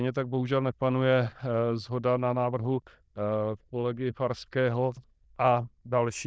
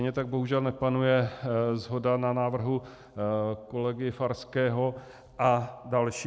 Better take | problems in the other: second | noise reduction (neural diffusion model UNIVERSE++)

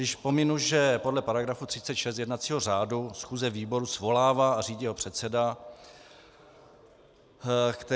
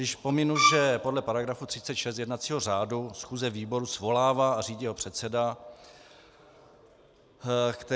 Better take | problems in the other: first | background sound (Bowed string instrument); 4 dB above the speech

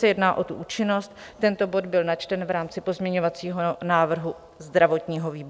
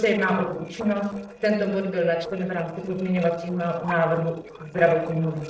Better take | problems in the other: first | noise reduction (neural separator model SepFormer DNS4)

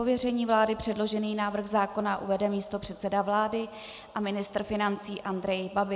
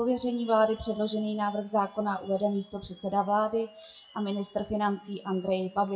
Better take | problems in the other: first | noise reduction (classical method WPE with log-MMSE)

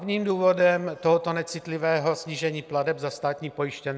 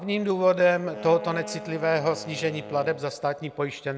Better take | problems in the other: first | background sound (Wind instrument, woodwind instrument); 16 dB below the speech

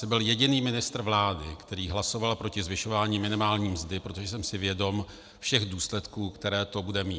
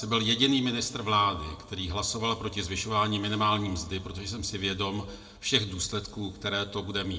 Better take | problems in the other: first | room echo; dies away in 1.4 s

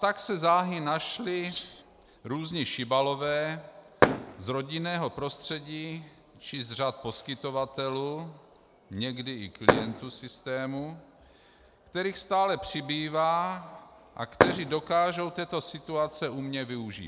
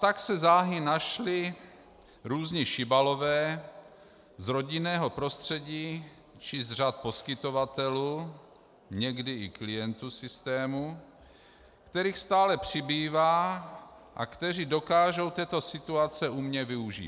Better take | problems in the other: second | background sound (Fireworks + Rattle (instrument)); as loud as the speech

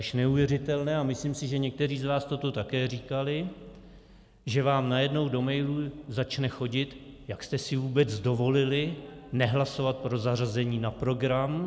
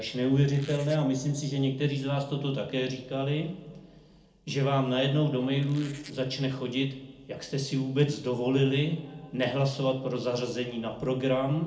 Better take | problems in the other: first | noise reduction (neural separator model SepFormer DNS4)

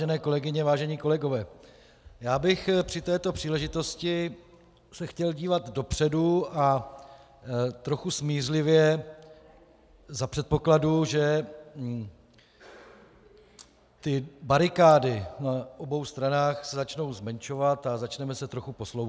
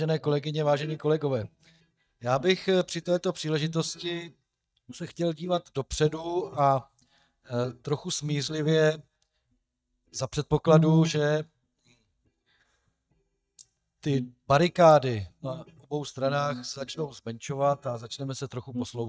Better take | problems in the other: first | noise reduction (neural mask model DeepFilterNet 3)

